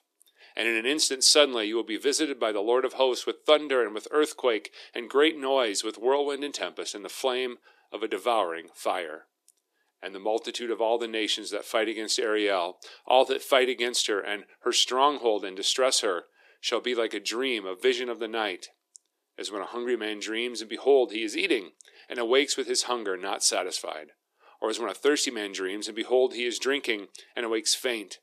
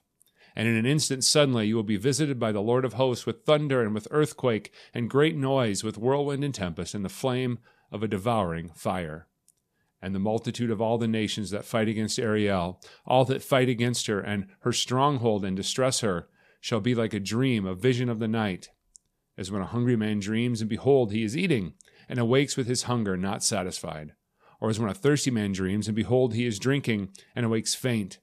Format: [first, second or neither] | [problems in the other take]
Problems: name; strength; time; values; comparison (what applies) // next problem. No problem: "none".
second | thin; very; fading below 300 Hz